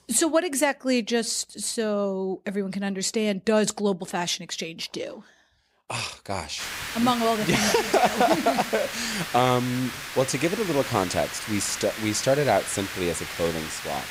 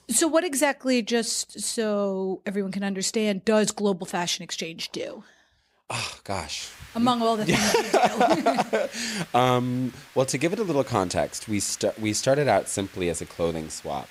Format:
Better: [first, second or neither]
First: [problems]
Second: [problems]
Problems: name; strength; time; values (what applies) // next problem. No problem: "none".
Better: second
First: hiss; loud; from 6.5 s on; 7 dB below the speech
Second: hiss; faint; from 6.5 s on; 20 dB below the speech